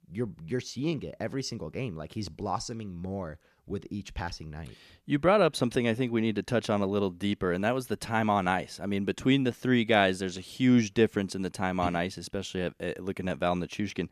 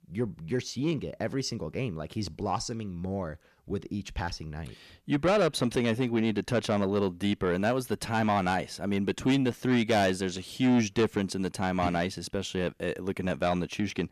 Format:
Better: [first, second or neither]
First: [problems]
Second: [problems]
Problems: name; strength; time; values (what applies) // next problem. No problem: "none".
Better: first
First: none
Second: distortion; slight; 10 dB below the speech